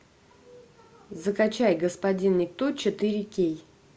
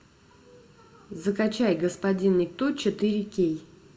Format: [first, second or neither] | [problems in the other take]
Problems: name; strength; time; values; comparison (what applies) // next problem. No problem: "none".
first | room echo; dies away in 0.6 s